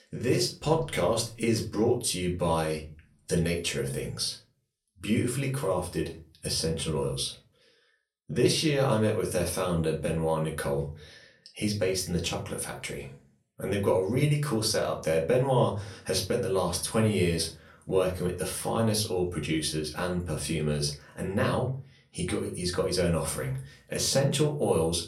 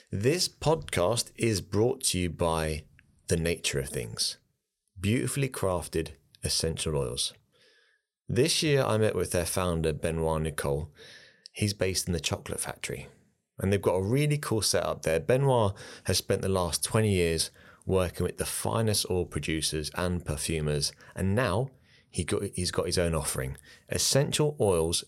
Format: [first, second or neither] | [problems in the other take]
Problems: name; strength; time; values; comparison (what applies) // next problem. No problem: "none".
second | off-mic speech; far // room echo; very slight; dies away in 0.3 s